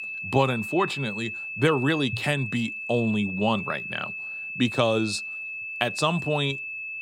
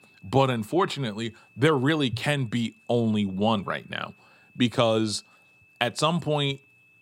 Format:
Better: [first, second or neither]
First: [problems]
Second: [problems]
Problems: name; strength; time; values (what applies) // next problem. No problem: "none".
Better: second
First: high-pitched whine; loud; throughout; 2.5 kHz, 6 dB below the speech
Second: high-pitched whine; faint; throughout; 2.5 kHz, 30 dB below the speech